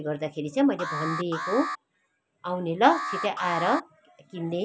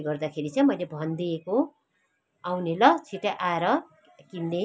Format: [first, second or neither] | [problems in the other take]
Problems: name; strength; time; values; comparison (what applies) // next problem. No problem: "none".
second | background sound (Alarm); 7 dB below the speech